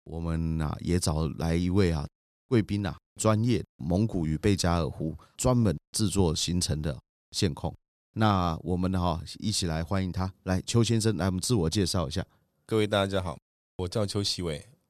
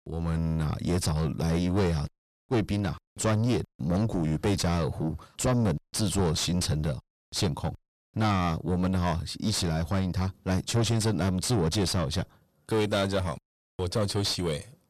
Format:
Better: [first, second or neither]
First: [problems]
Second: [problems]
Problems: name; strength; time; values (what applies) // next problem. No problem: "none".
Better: first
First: none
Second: distortion; heavy; 6 dB below the speech